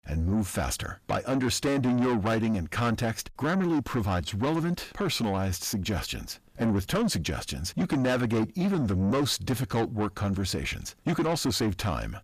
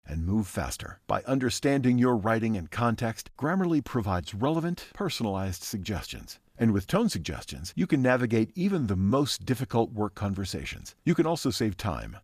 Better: second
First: distortion; heavy; 8 dB below the speech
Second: none

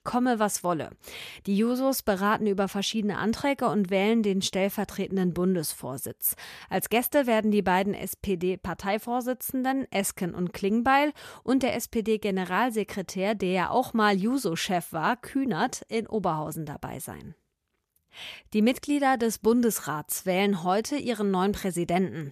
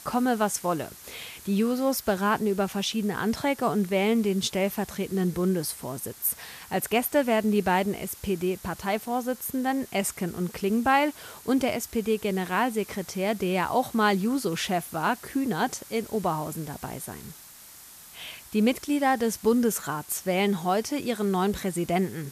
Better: first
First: none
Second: hiss; noticeable; throughout; 20 dB below the speech

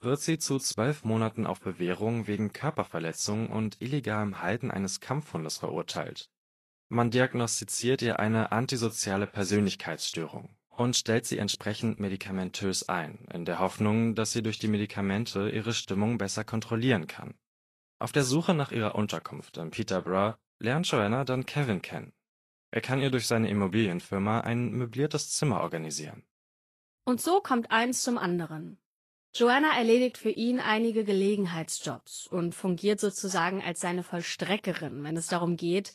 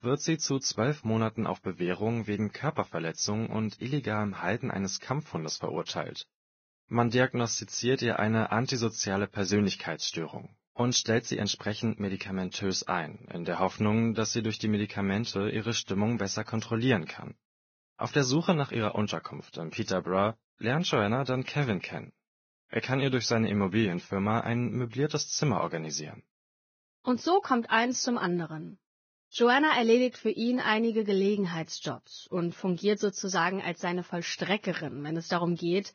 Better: first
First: garbled, watery; slightly; nothing above 12.5 kHz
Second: garbled, watery; badly; nothing above 6.5 kHz

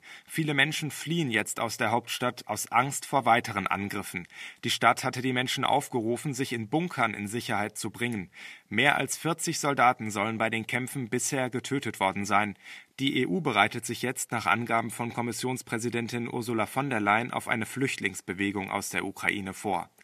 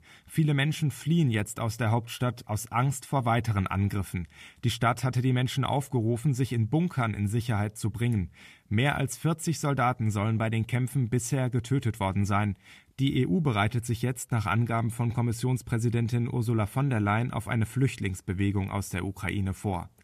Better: second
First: thin; somewhat; fading below 250 Hz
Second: none

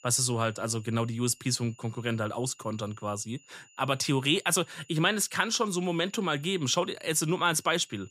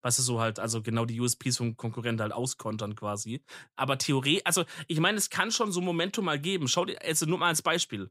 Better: second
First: high-pitched whine; faint; throughout; 7 kHz, 30 dB below the speech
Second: none

